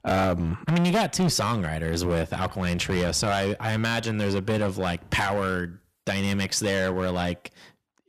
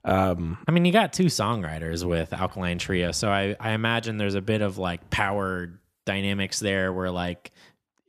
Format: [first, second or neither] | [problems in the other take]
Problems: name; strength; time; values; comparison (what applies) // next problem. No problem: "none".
second | distortion; heavy; 11% of the sound clipped